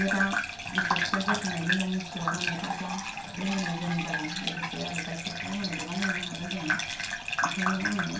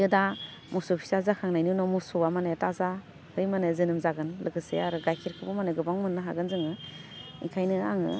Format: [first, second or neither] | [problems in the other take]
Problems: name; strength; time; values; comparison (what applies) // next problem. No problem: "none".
second | background sound (Bathtub (filling or washing) / Gurgling); 1 dB above the speech // room echo; dies away in 0.2 s